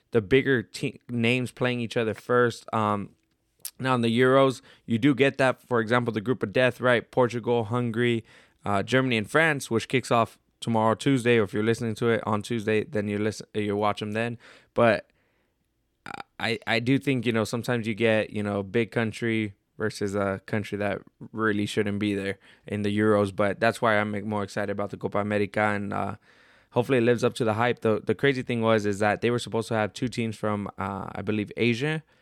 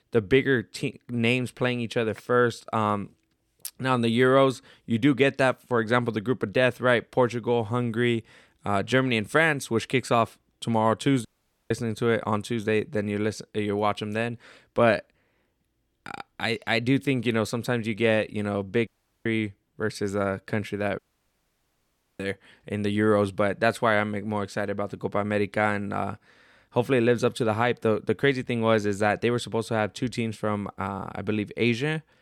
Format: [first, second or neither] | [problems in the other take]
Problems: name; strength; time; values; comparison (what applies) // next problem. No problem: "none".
first | audio cutting out; at 11 s, at 19 s and at 21 s for 1 s